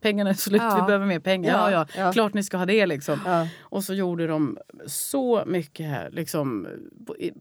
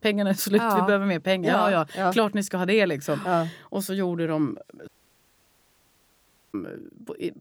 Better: first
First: none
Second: audio cutting out; at 5 s for 1.5 s

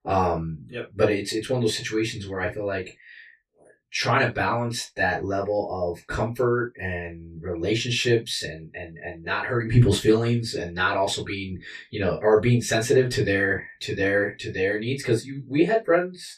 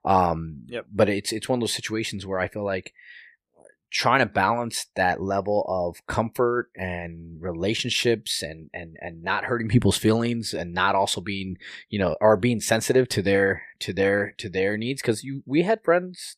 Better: second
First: room echo; very slight; dies away in 0.2 s // off-mic speech; far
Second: none

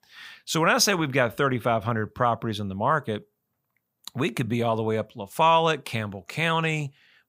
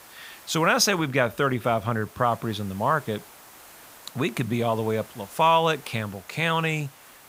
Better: first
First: none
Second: hiss; faint; throughout; 20 dB below the speech

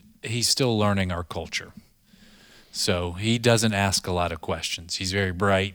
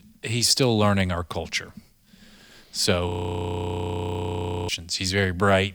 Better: first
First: none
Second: audio freezing; at 3 s for 1.5 s

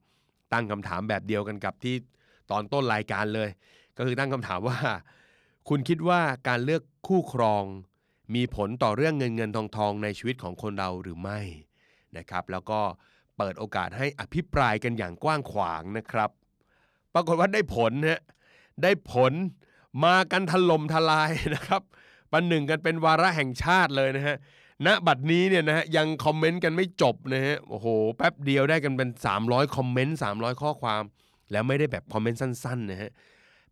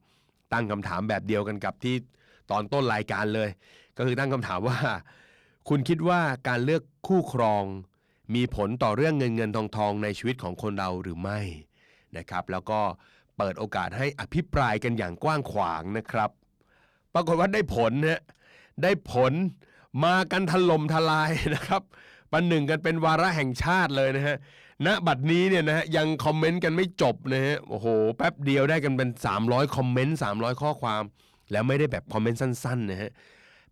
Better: first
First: none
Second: distortion; slight; 10 dB below the speech

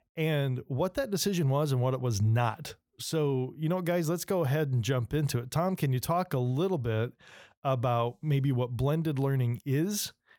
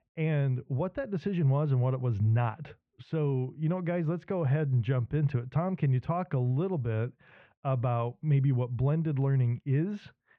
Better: first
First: none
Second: muffled; very; fading above 2.5 kHz

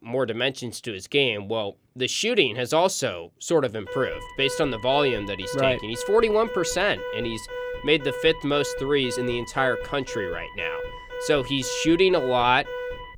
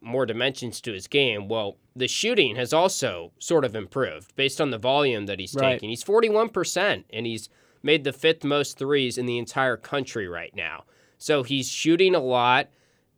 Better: second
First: alarm; noticeable; from 4 s on; peak 9 dB below the speech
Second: none

